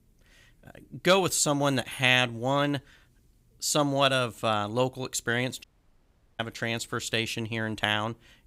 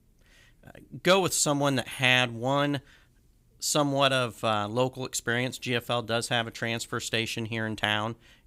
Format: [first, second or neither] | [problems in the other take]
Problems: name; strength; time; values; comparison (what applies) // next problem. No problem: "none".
second | audio cutting out; at 5.5 s for 1 s